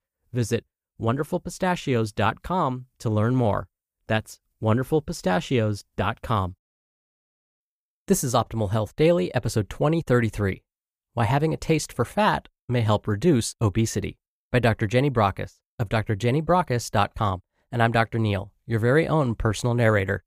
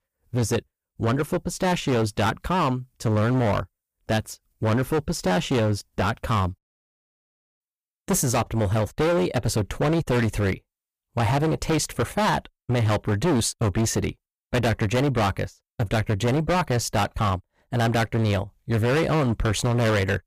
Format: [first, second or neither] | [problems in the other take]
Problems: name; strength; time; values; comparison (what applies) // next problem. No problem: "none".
first | distortion; heavy; 18% of the sound clipped